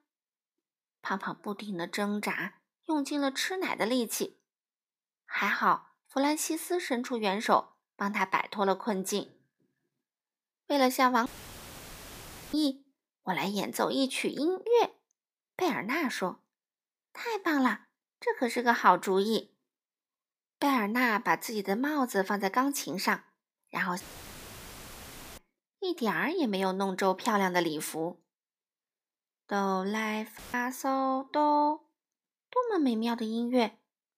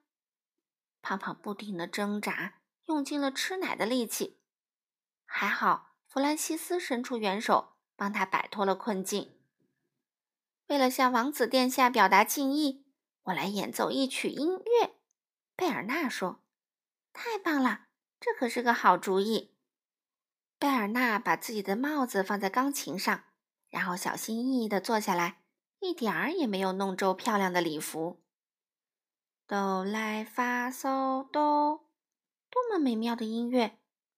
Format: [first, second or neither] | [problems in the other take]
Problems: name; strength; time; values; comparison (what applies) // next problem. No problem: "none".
second | audio cutting out; filled with static; at 11 s for 1.5 s, at 24 s for 1.5 s and at 30 s